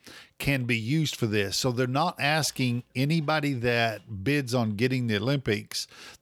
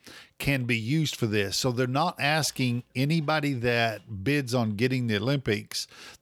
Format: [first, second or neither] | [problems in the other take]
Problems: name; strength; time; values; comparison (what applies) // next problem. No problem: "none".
neither | none